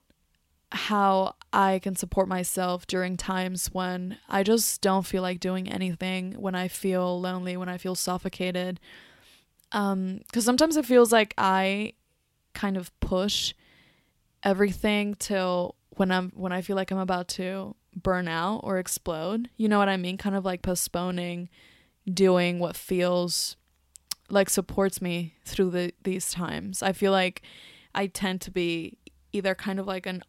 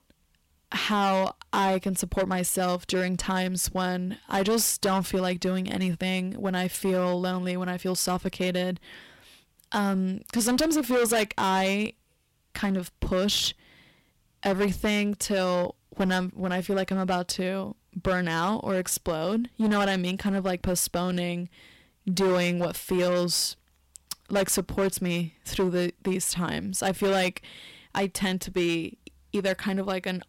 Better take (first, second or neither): first